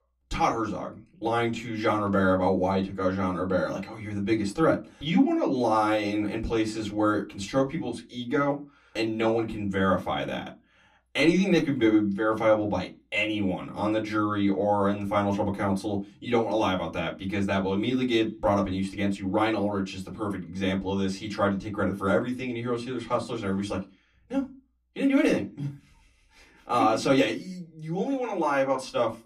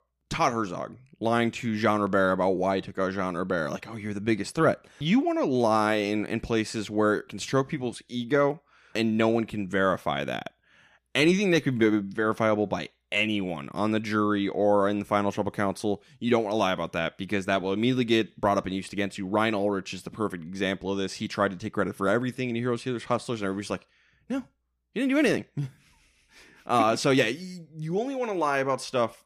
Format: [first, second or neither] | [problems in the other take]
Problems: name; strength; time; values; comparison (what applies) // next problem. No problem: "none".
second | off-mic speech; far // room echo; very slight; dies away in 0.2 s